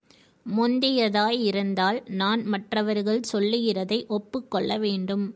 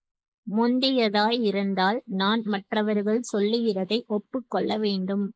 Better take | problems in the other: first | noise reduction (neural mask model Resemble Enhance denoiser)

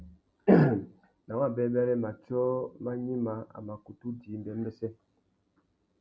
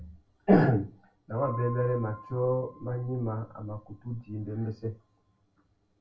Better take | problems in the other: first | background sound (Piano); 17 dB below the speech // room echo; dies away in 0.2 s

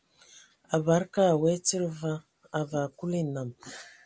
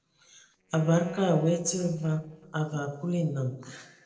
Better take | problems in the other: first | noise reduction (neural separator model SepFormer DNS4)

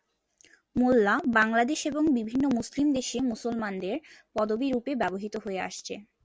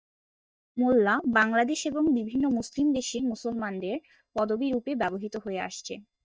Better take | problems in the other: first | noise reduction (neural mask model DeepFilterNet 3)

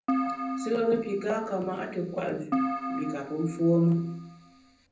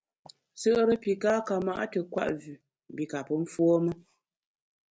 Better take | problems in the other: second | background sound (Keyboard (musical)); 5 dB below the speech // room echo; dies away in 0.6 s

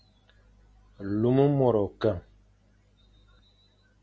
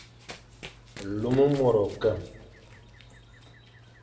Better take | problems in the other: first | background sound (Run); 18 dB below the speech // room echo; dies away in 0.9 s

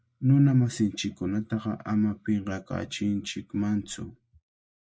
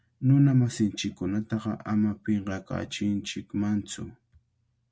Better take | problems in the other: second | noise reduction (neural mask model Resemble Enhance denoiser)

